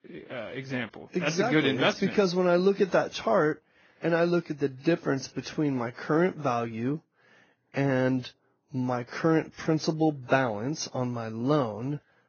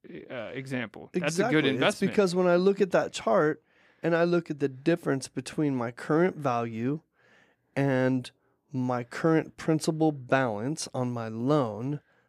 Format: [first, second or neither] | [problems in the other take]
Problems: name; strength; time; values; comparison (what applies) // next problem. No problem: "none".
second | garbled, watery; badly; nothing above 6.5 kHz